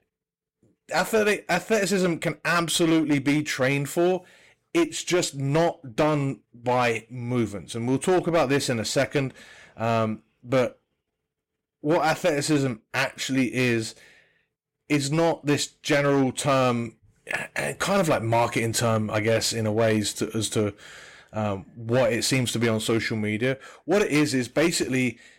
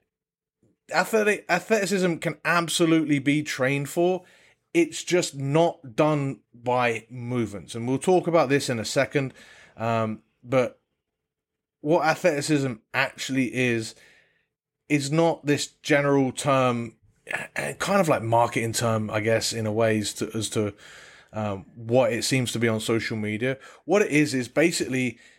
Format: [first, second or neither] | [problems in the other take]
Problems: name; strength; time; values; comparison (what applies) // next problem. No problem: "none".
second | distortion; slight; 7% of the sound clipped